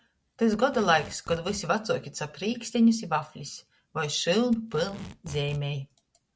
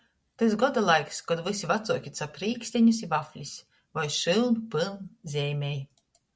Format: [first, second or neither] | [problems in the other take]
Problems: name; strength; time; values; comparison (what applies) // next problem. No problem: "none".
second | background sound (Packing tape, duct tape); 18 dB below the speech